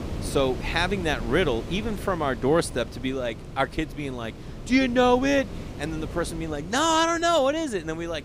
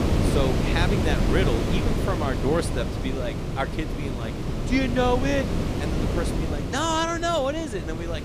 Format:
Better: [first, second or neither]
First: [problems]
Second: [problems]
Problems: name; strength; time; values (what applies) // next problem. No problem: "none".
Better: first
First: wind noise on the microphone; occasional gusts; 20 dB below the speech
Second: wind noise on the microphone; heavy; 5 dB below the speech